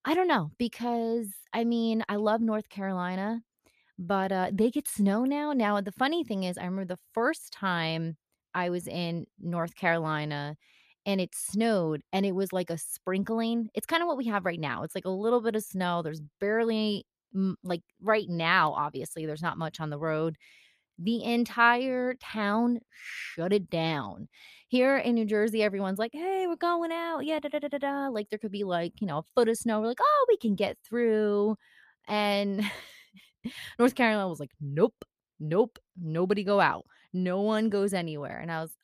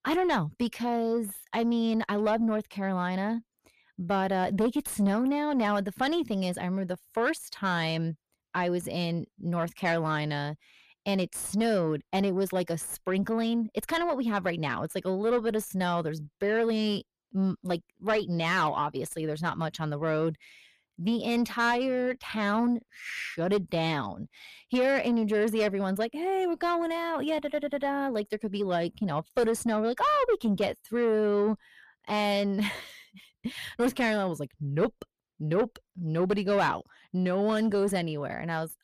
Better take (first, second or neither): first